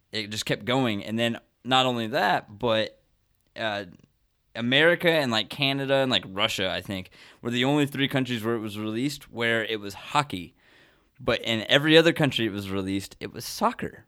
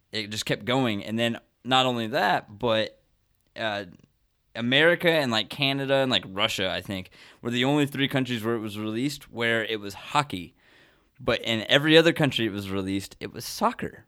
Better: neither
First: none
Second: none

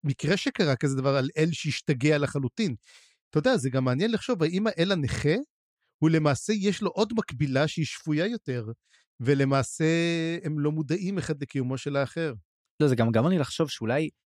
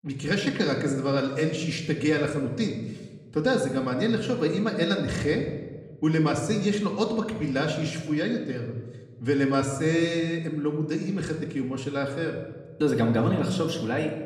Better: first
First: none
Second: room echo; slight; dies away in 1 s // off-mic speech; far

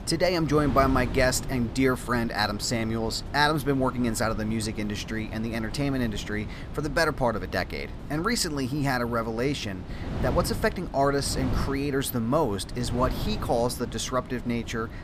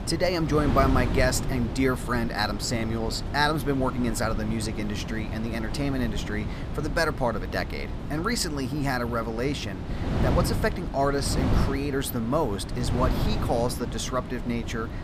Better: first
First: wind noise on the microphone; occasional gusts; 15 dB below the speech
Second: wind noise on the microphone; heavy; 9 dB below the speech

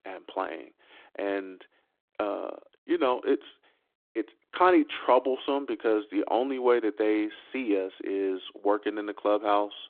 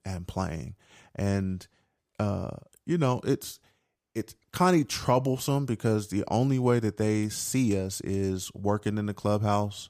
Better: second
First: phone-call audio; nothing above 3.5 kHz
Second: none

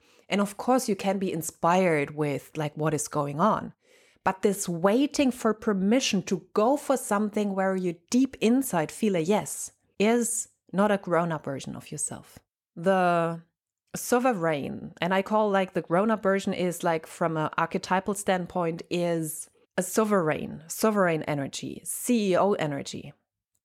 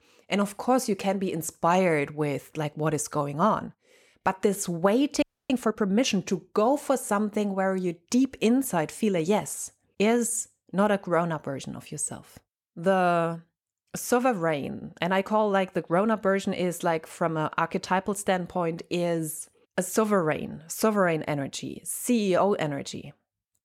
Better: first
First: none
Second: audio freezing; at 5 s

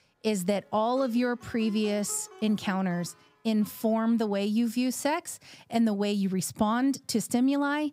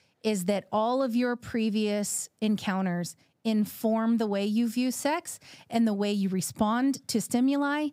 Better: second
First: background music; faint; throughout; 25 dB below the speech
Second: none

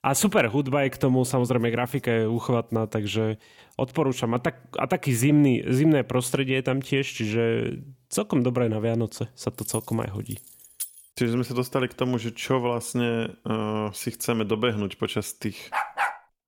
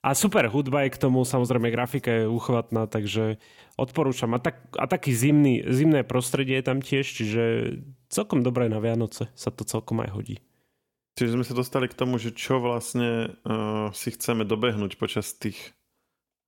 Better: second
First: jangling keys; noticeable; from 9.5 to 11 s; peak 9 dB below the speech // dog barking; noticeable; at 16 s; peak 1 dB below the speech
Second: none

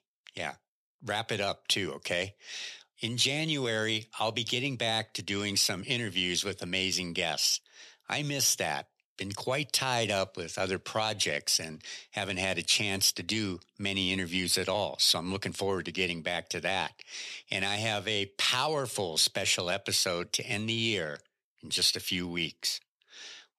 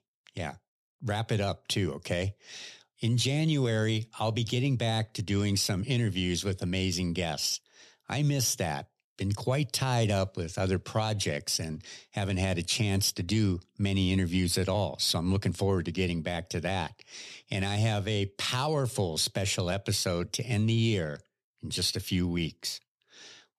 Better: second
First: thin; somewhat; fading below 1 kHz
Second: none

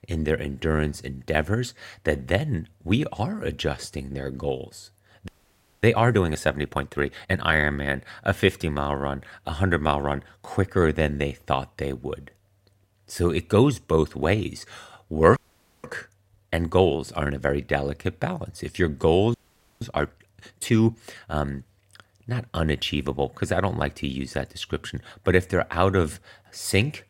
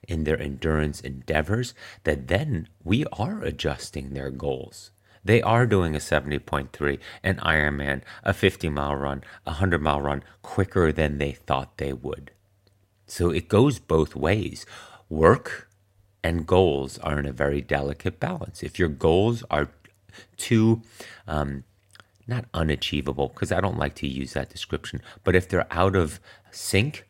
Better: second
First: audio freezing; at 5.5 s for 0.5 s, at 15 s and at 19 s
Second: none

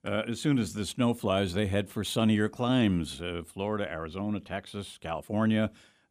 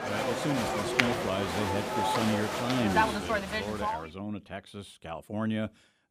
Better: first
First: none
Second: crowd noise; very loud; until 4 s; 4 dB above the speech

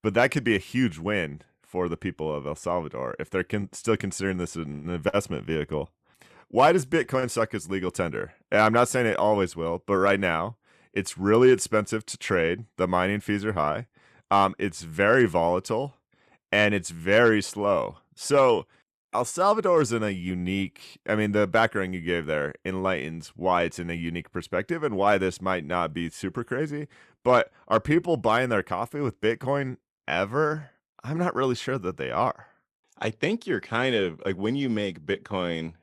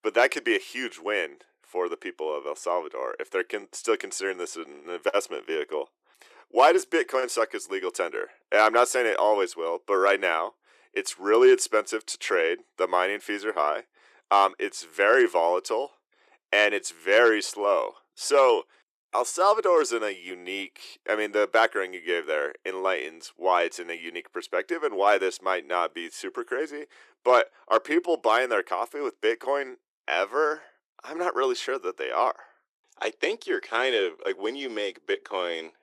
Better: first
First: none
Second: thin; very; fading below 350 Hz

